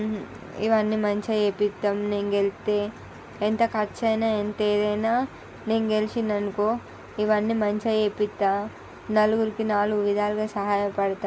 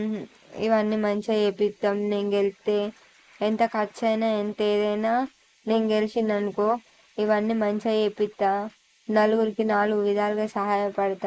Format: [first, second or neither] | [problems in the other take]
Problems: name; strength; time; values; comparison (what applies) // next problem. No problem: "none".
first | noise reduction (neural mask model Resemble Enhance denoiser)